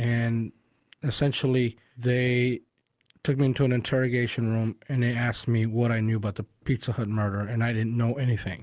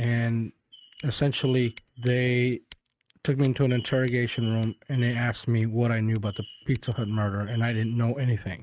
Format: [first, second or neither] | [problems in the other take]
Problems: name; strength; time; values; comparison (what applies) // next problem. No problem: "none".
first | noise reduction (neural mask model RNNoise)